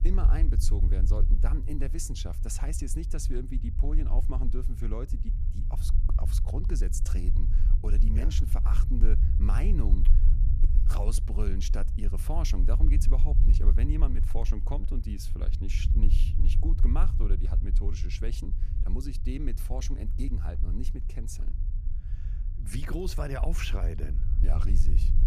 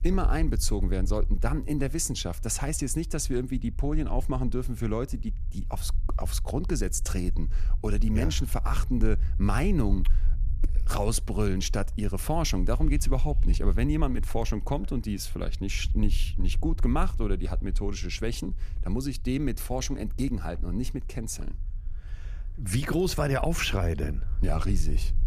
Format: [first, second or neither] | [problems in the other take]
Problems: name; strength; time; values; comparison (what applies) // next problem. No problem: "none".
second | low rumble; loud; throughout; 8 dB below the speech; faint in the second